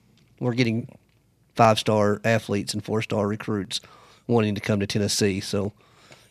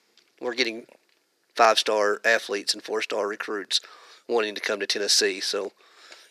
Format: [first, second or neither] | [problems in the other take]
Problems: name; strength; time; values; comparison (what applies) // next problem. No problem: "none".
first | thin; very; fading below 350 Hz